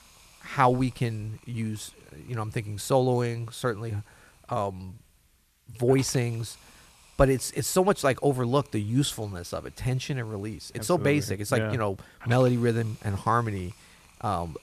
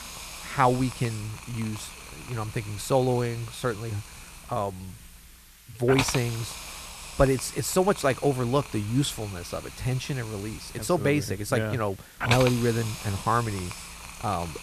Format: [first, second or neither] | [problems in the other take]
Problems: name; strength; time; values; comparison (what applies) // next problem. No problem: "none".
first | hiss; loud; throughout; 9 dB below the speech; faint in the first